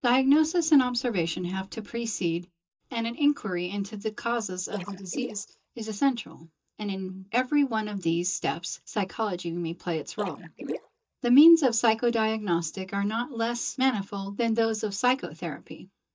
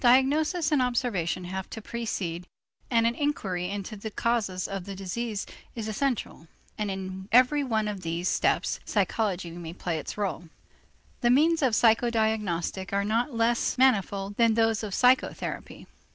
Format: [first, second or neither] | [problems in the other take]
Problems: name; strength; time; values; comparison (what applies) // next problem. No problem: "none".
second | noise reduction (neural mask model DeepFilterNet 3)